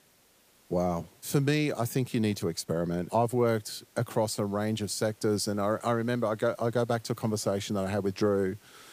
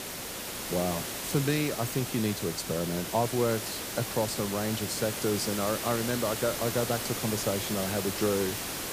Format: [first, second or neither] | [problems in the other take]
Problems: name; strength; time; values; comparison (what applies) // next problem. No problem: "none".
first | hiss; loud; throughout; 3 dB below the speech; faint in the first